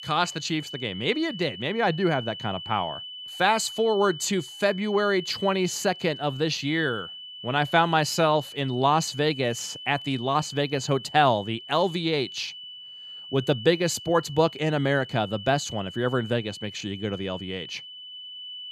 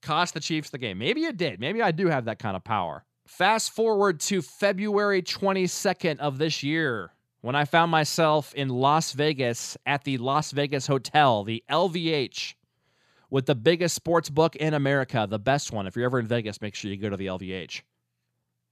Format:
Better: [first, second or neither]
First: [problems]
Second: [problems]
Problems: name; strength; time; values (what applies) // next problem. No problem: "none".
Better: second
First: high-pitched whine; noticeable; throughout; 3 kHz, 10 dB below the speech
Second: none